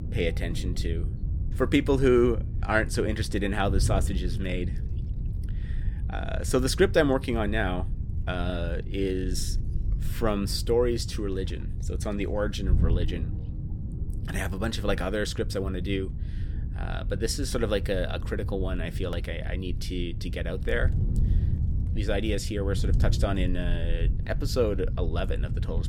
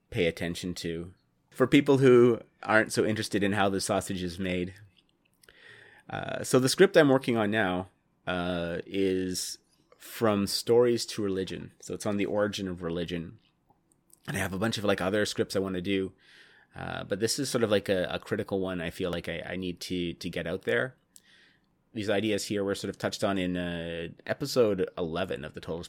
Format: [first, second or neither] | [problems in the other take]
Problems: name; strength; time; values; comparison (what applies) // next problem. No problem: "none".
second | wind noise on the microphone; occasional gusts; 15 dB below the speech